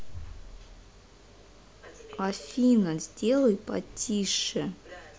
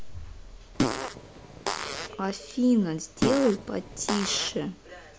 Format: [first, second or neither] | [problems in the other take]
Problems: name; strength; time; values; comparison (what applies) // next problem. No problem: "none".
first | background sound (Fart); 2 dB below the speech